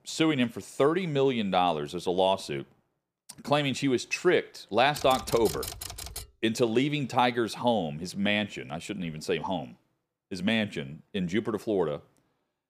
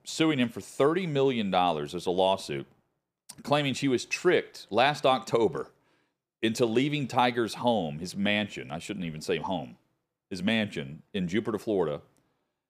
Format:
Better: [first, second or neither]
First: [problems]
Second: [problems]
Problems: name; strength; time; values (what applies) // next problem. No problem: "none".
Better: second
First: keyboard typing; noticeable; from 5 to 6.5 s; peak 8 dB below the speech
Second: none